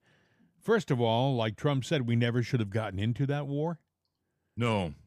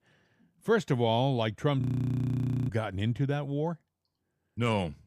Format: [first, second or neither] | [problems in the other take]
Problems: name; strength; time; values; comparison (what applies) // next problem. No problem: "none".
first | audio freezing; at 2 s for 1 s